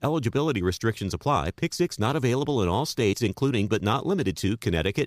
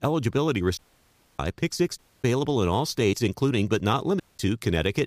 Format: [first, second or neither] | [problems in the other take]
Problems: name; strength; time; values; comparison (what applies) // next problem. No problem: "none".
first | audio cutting out; at 1 s for 0.5 s, at 2 s and at 4 s